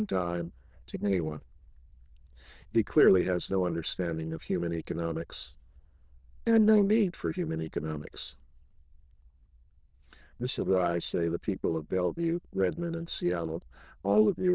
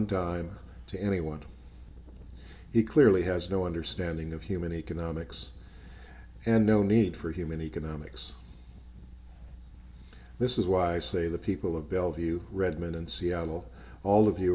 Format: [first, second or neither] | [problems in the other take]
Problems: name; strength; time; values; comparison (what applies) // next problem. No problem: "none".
second | noise reduction (neural diffusion model UNIVERSE++)